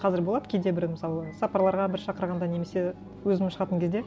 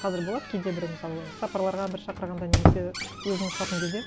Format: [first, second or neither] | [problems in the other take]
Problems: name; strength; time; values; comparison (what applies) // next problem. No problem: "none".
first | background sound (Squeak); 2 dB above the speech